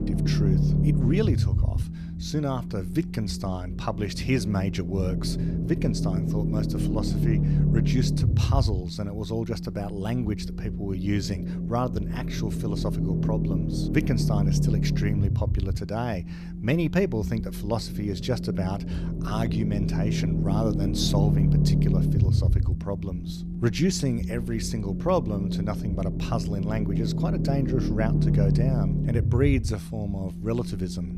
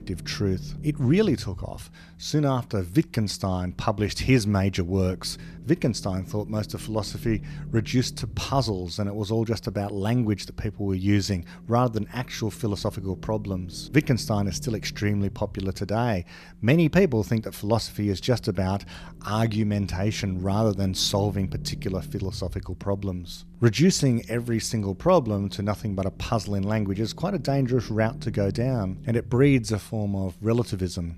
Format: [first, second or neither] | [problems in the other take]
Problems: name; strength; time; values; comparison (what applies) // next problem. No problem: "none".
second | low rumble; loud; throughout; 4 dB below the speech; faint in the second